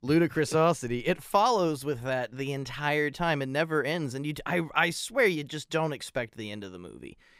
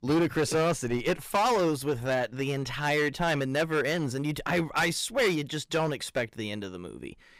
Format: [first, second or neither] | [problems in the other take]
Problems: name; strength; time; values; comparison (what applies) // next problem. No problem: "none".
first | distortion; heavy; 11% of the sound clipped